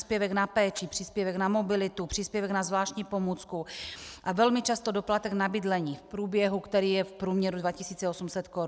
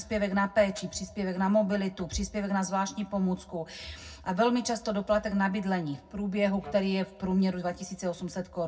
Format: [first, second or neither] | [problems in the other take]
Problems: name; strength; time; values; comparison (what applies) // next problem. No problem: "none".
first | background sound (Wind instrument, woodwind instrument); 18 dB below the speech // room echo; dies away in 0.3 s